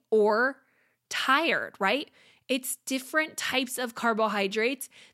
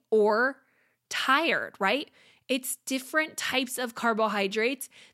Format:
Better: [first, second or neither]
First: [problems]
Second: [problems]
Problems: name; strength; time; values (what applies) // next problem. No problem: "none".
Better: neither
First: none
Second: none